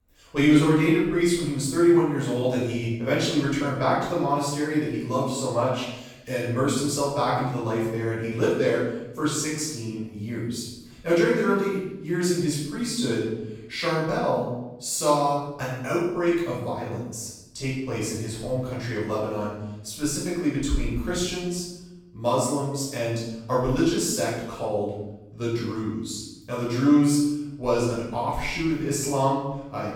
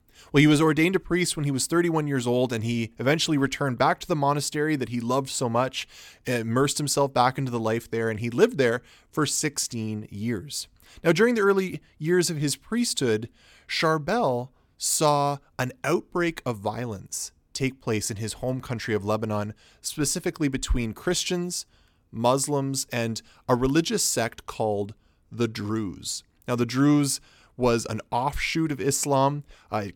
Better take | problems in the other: second | room echo; noticeable; dies away in 0.8 s // off-mic speech; far

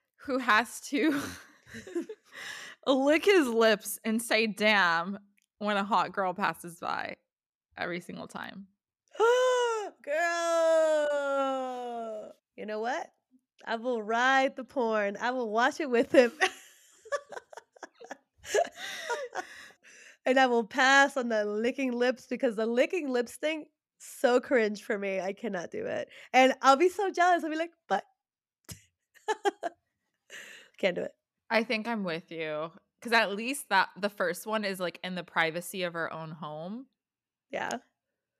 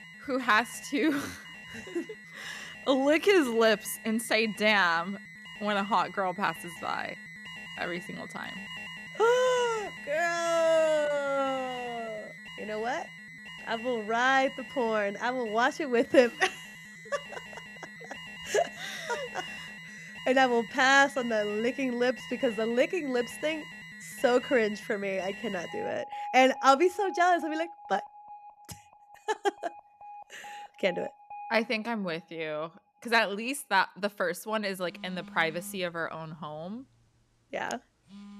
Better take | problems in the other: first | alarms or sirens; noticeable; throughout; 15 dB below the speech

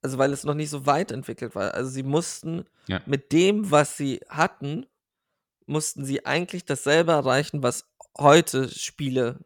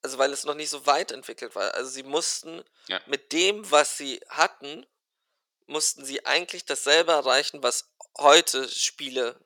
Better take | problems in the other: first | thin; very; fading below 400 Hz

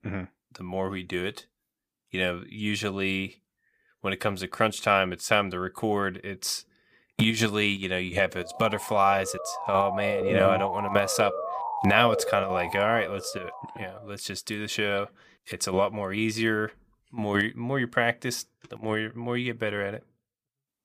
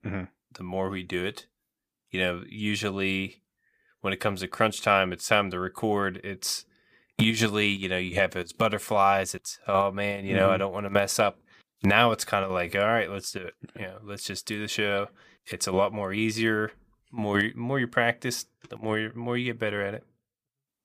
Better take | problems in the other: second | siren; noticeable; from 8.5 to 14 s; peak 1 dB below the speech

